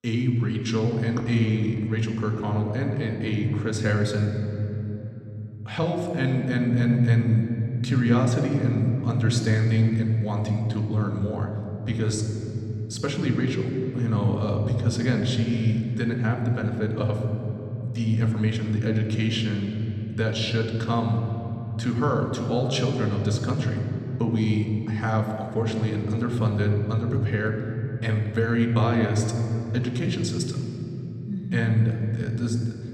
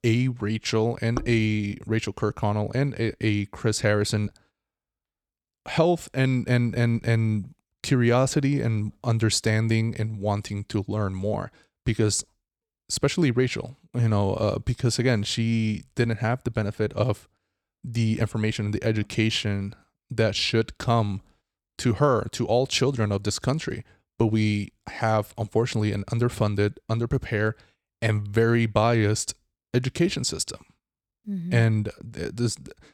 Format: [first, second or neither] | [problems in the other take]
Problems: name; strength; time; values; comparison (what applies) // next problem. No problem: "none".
second | room echo; noticeable; dies away in 3 s